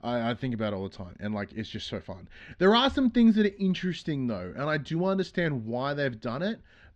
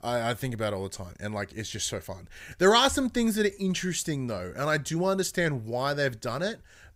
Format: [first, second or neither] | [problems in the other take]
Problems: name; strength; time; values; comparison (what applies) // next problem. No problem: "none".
second | muffled; slightly; fading above 4 kHz